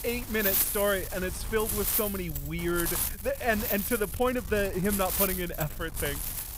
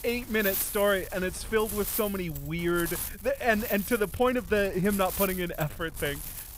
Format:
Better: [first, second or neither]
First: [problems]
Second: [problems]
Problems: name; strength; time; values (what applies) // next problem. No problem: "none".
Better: second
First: wind noise on the microphone; heavy; 6 dB below the speech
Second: wind noise on the microphone; occasional gusts; 15 dB below the speech